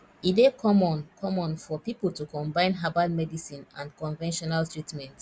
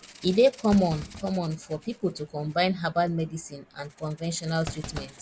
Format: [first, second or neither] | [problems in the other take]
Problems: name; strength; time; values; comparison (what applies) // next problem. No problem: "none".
first | background sound (Thump, thud + Rattle (instrument)); 16 dB below the speech